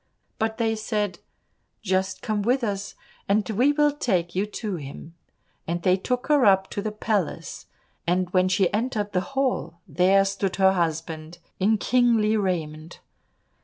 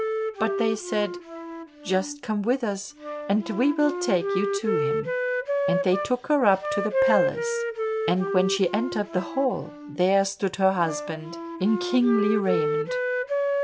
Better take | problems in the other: first | background sound (Wind instrument, woodwind instrument); 2 dB below the speech

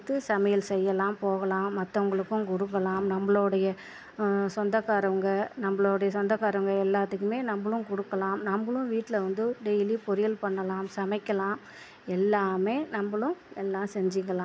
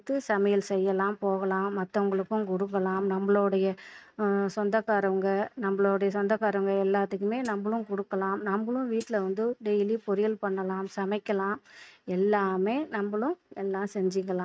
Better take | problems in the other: first | noise reduction (neural mask model RNNoise)

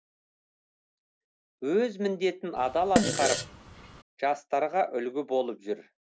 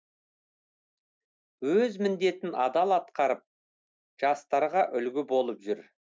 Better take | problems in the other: second | background sound (Fart); as loud as the speech

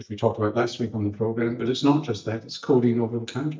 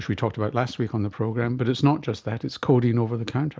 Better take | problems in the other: second | noise reduction (neural mask model DeepFilterNet 3)

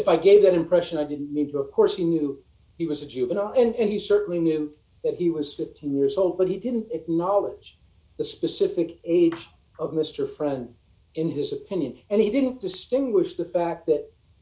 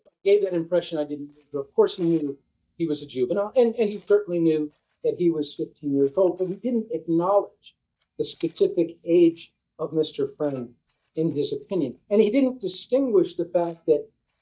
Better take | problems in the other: first | noise reduction (neural mask model DeepFilterNet 3)

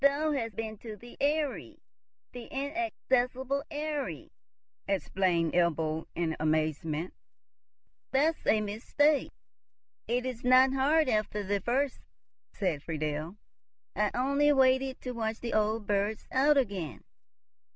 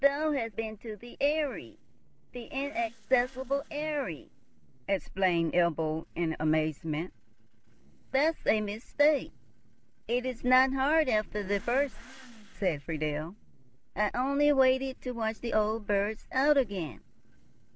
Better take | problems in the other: first | noise reduction (neural separator model SepFormer DNS4)

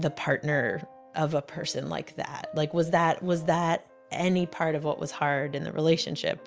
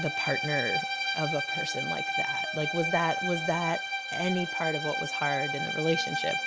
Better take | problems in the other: first | background sound (Bowed string instrument); as loud as the speech

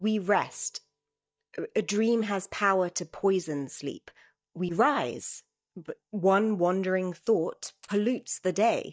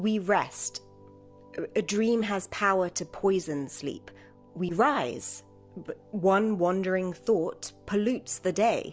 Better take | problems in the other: second | noise reduction (neural mask model DeepFilterNet 3)

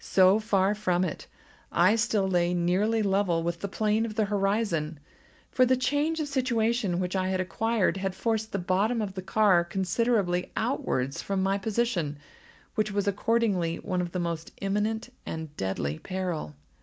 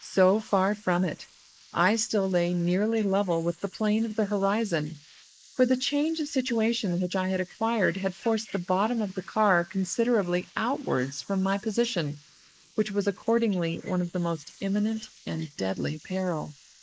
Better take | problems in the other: first | noise reduction (neural mask model Resemble Enhance denoiser)

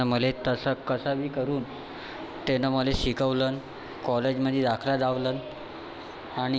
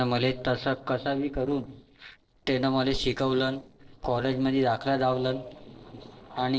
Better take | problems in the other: first | noise reduction (neural separator model SepFormer DNS4)

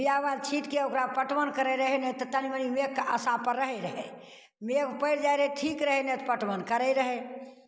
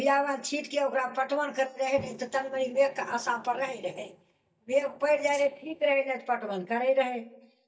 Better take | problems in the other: first | noise reduction (neural mask model DeepFilterNet 3)

